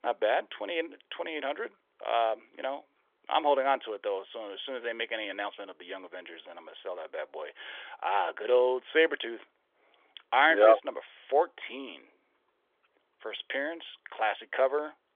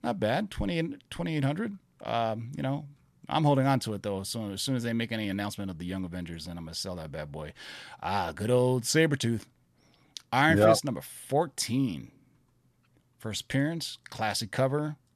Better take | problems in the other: second | phone-call audio; nothing above 3.5 kHz

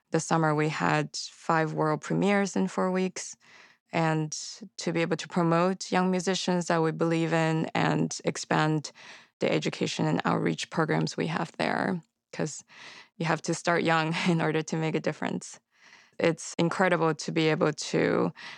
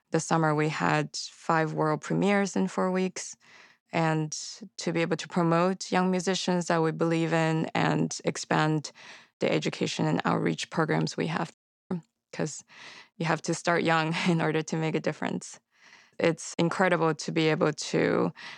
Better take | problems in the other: first | audio cutting out; at 12 s

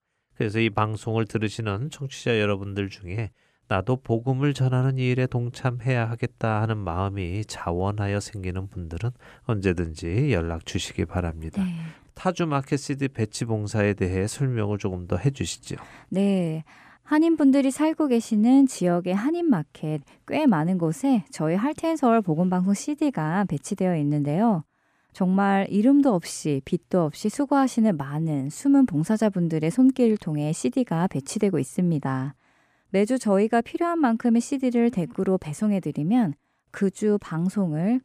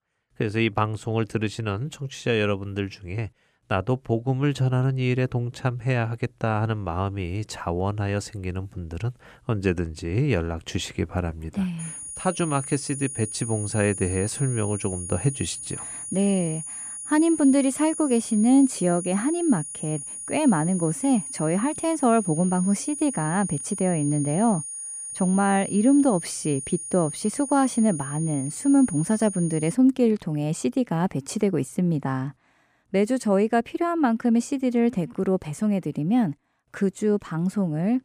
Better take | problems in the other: first | high-pitched whine; loud; from 12 to 30 s; 9.5 kHz, 8 dB below the speech

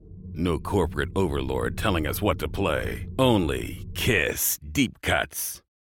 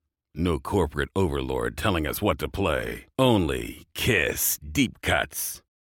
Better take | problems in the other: second | low rumble; faint; until 4 s; 25 dB below the speech

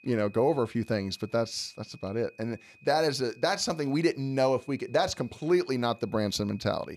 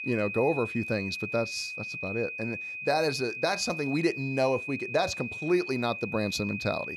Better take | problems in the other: first | high-pitched whine; loud; throughout; 2.5 kHz, 5 dB below the speech; faint in the first

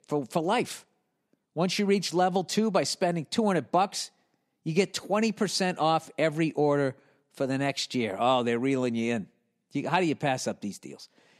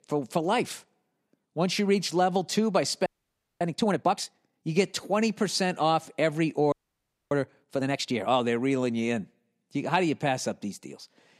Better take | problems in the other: first | audio freezing; at 3 s for 0.5 s and at 6.5 s for 0.5 s

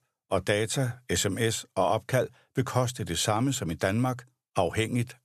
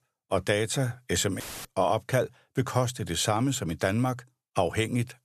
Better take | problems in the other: first | audio cutting out; filled with static; at 1.5 s

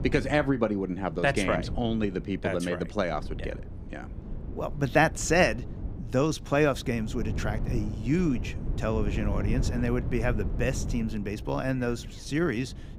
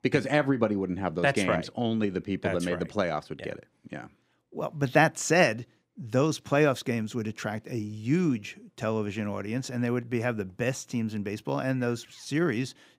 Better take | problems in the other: second | wind noise on the microphone; occasional gusts; 15 dB below the speech

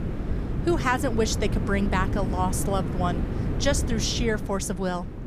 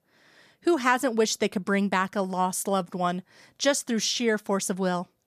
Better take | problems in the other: second | wind noise on the microphone; heavy; 9 dB below the speech

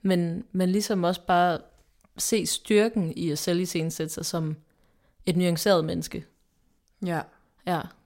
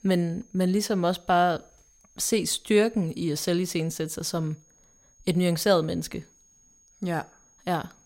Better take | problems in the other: first | high-pitched whine; faint; throughout; 6.5 kHz, 30 dB below the speech

